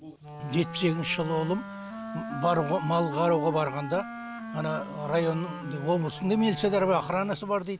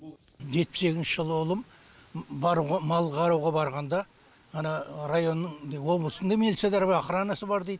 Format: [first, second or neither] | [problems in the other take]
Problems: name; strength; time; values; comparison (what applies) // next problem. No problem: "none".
second | background sound (Wind instrument, woodwind instrument); 10 dB below the speech